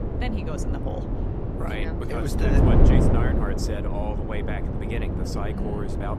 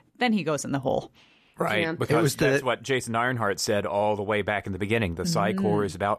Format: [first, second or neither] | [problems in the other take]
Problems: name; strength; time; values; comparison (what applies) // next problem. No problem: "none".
second | wind noise on the microphone; heavy; 2 dB above the speech